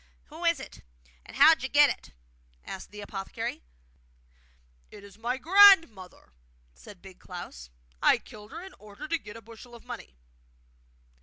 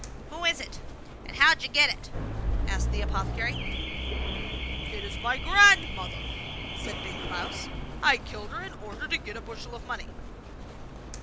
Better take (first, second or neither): first